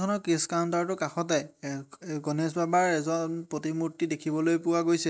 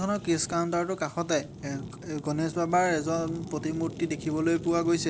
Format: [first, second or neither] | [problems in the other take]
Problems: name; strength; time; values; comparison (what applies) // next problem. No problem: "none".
first | background sound (Fire); 12 dB below the speech